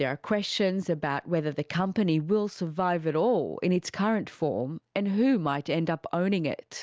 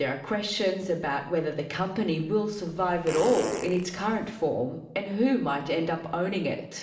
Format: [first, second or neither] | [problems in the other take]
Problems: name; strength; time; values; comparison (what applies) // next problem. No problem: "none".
first | background sound (Fart); 9 dB below the speech // room echo; dies away in 0.8 s